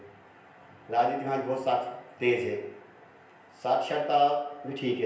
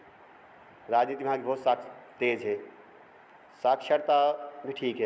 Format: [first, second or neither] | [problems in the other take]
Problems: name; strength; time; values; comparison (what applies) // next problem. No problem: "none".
second | room echo; dies away in 0.5 s